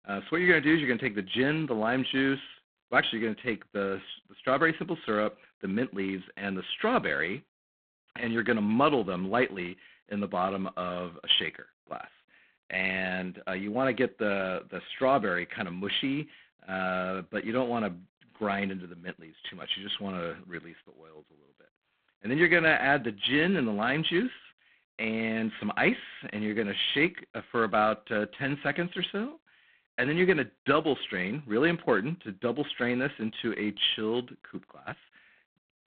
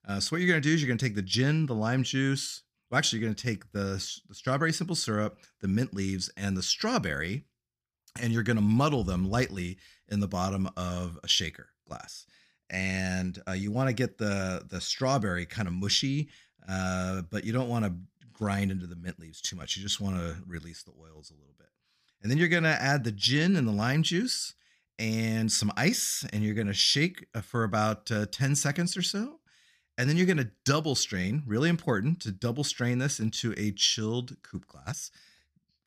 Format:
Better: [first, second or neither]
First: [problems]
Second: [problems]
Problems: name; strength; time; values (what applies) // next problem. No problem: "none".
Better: second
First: phone-call audio; poor line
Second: none